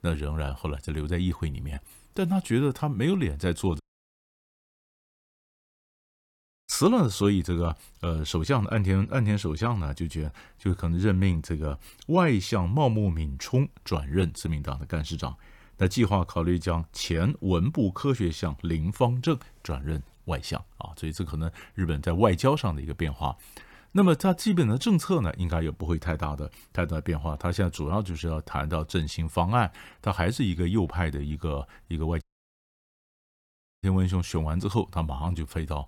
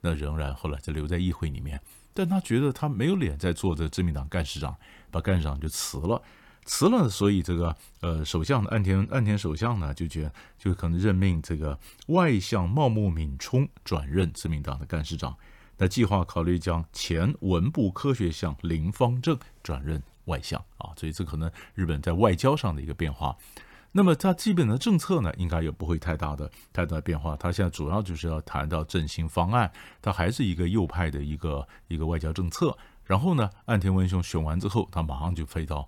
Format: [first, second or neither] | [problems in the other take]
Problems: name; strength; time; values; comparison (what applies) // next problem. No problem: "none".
second | audio cutting out; at 4 s for 3 s and at 32 s for 1.5 s